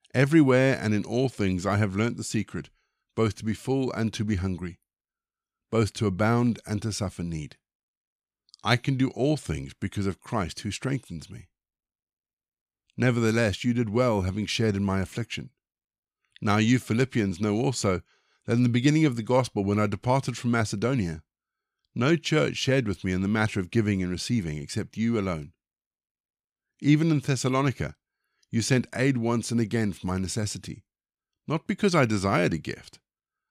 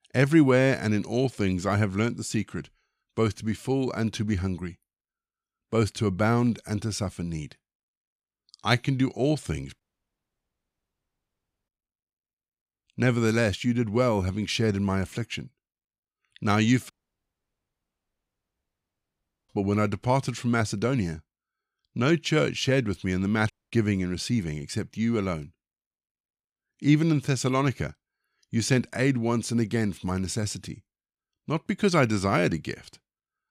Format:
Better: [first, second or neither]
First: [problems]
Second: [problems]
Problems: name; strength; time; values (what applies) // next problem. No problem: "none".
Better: first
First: none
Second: audio cutting out; at 10 s for 2 s, at 17 s for 2.5 s and at 24 s